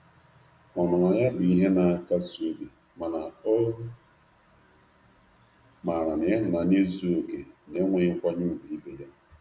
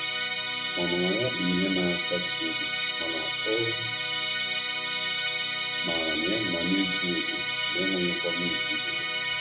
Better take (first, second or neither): first